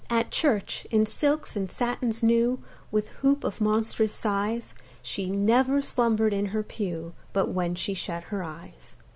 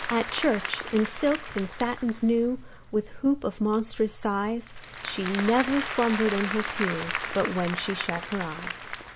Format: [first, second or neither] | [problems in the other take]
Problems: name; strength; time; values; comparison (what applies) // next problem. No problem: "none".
first | background sound (Applause); 8 dB below the speech